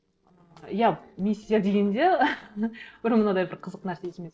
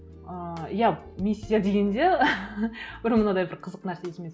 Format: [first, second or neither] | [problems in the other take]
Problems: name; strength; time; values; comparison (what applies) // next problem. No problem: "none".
second | noise reduction (neural separator model SepFormer DNS4)